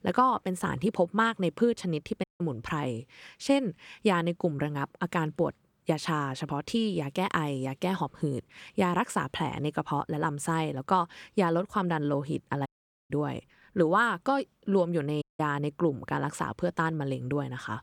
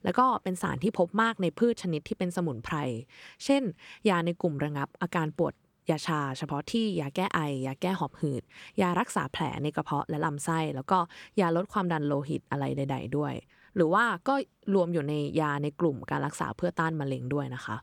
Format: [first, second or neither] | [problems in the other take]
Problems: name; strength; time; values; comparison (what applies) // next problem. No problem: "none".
second | audio cutting out; at 2 s, at 13 s and at 15 s